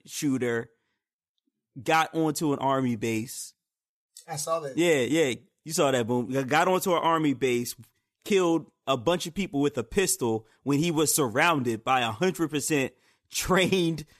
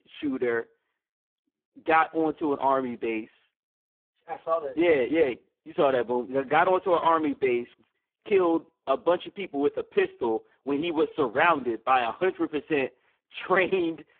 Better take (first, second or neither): first